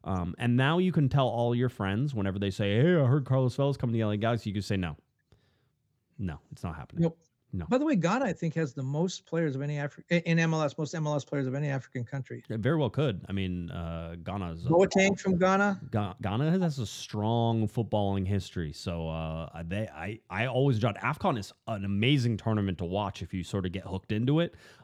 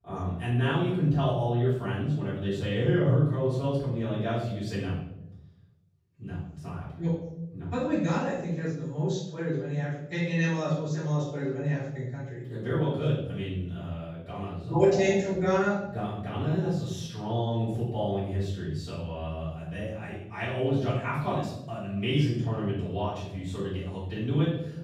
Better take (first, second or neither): first